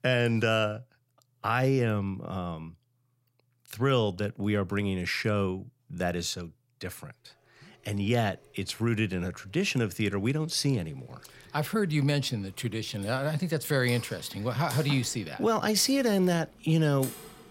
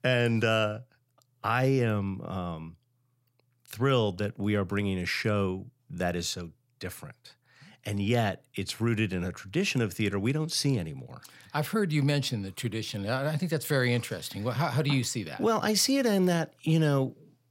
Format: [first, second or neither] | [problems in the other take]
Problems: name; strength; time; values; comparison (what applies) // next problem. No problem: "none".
second | household noises; noticeable; from 7.5 s on; 20 dB below the speech